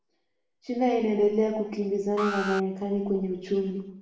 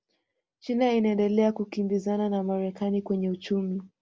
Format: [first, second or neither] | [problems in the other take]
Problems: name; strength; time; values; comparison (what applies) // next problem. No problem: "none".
second | background sound (Alarm); 10 dB below the speech // room echo; dies away in 0.8 s